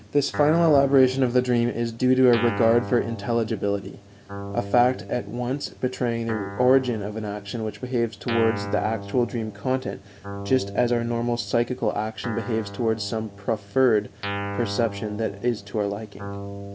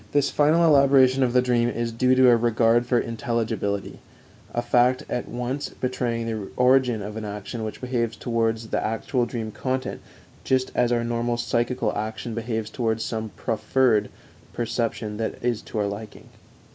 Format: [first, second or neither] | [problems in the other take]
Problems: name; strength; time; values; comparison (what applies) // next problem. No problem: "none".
second | background sound (Guitar); 11 dB below the speech